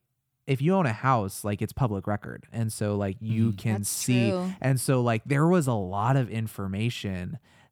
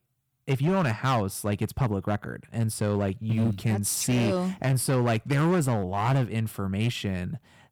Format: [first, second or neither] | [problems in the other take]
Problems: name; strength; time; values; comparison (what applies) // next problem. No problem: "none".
first | distortion; slight; 10% of the sound clipped